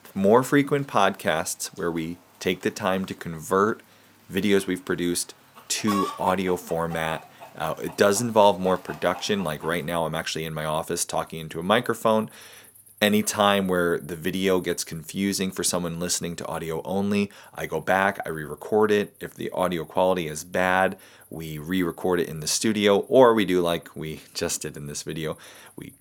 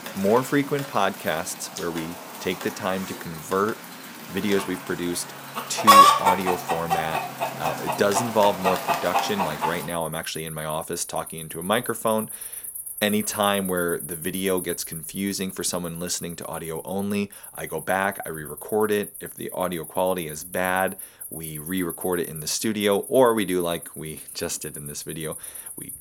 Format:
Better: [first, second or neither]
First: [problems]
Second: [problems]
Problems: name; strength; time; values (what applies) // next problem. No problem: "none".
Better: first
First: animal sounds; faint; throughout; 20 dB below the speech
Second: animal sounds; loud; throughout; 1 dB below the speech